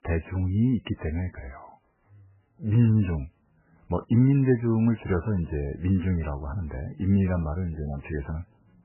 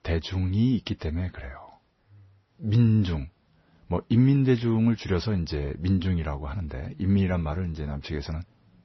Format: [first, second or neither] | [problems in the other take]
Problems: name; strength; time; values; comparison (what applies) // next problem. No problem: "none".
second | garbled, watery; badly; nothing above 3 kHz; slightly in the second